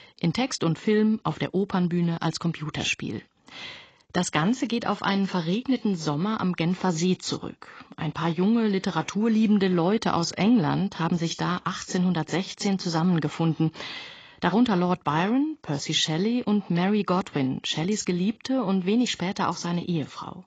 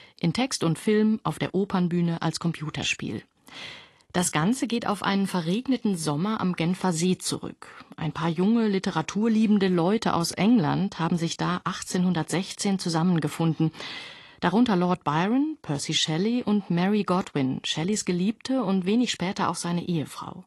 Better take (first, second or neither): second